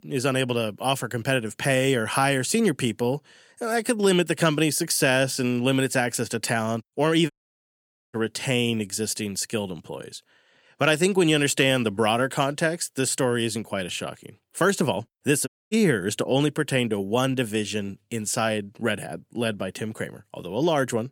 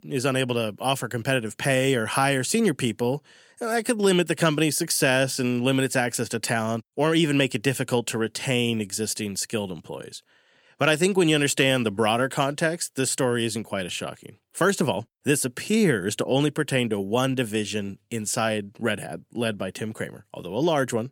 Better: second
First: audio cutting out; at 7.5 s for 1 s and at 15 s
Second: none

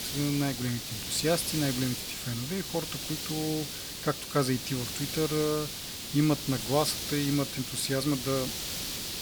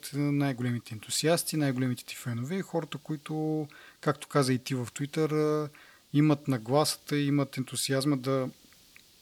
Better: second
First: hiss; loud; throughout; 3 dB below the speech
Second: hiss; faint; throughout; 30 dB below the speech

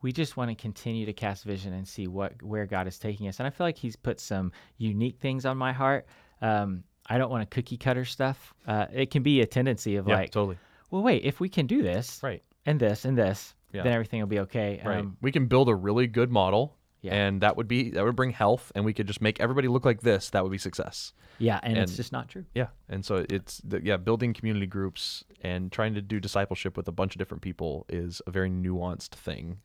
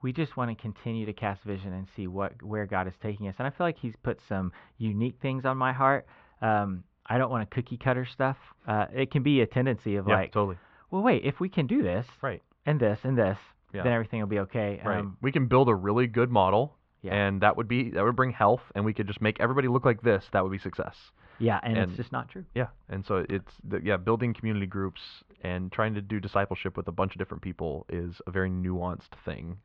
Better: first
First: none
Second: muffled; very; fading above 3 kHz

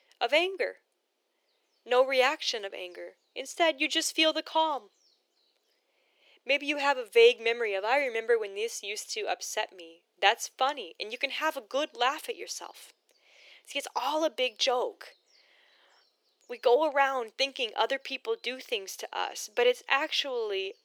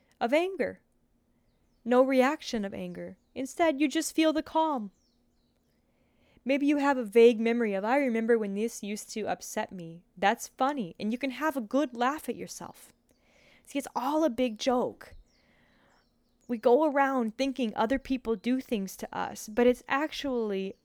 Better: second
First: thin; very; fading below 350 Hz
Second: none

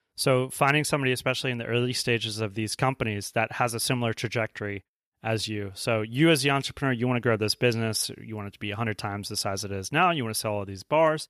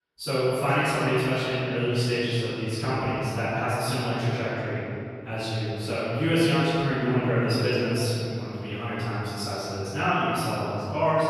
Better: first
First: none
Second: off-mic speech; far // room echo; strong; dies away in 2.9 s

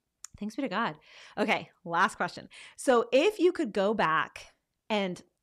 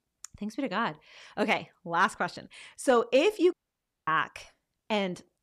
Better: first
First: none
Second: audio cutting out; at 3.5 s for 0.5 s

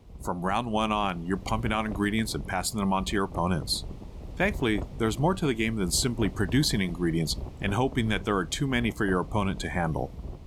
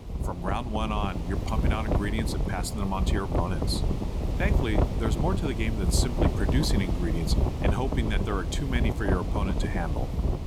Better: first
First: wind noise on the microphone; occasional gusts; 20 dB below the speech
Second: wind noise on the microphone; heavy; 2 dB below the speech

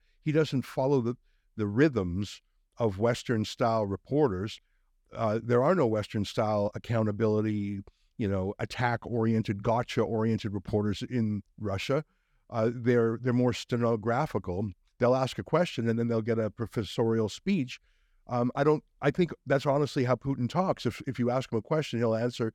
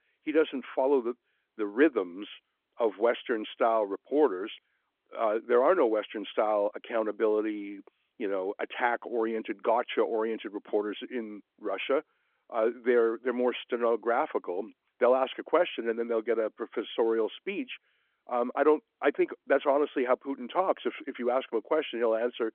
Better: first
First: none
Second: phone-call audio; nothing above 3.5 kHz

